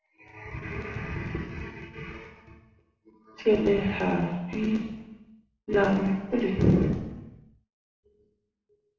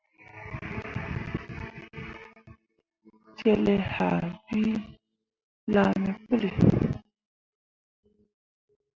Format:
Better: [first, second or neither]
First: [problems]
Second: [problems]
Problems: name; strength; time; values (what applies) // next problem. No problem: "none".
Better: second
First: room echo; dies away in 0.9 s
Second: none